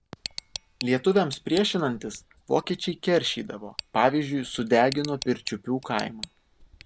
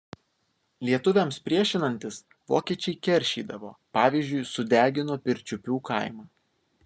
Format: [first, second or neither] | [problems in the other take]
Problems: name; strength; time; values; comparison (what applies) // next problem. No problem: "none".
second | background sound (Tick); 16 dB below the speech